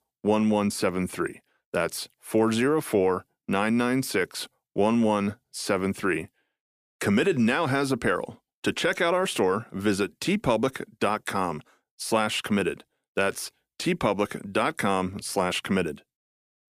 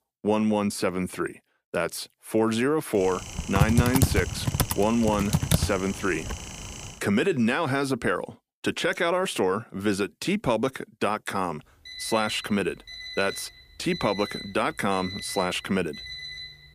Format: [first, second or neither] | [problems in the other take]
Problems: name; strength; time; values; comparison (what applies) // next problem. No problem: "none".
first | keyboard typing; loud; from 3.5 to 6.5 s; peak 4 dB above the speech // alarm; noticeable; from 12 s on; peak 8 dB below the speech